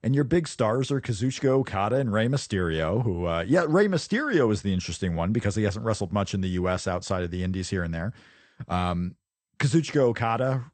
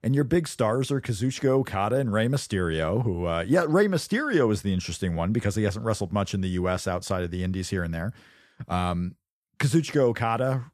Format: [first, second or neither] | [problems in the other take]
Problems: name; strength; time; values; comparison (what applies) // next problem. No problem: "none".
second | garbled, watery; slightly; nothing above 8.5 kHz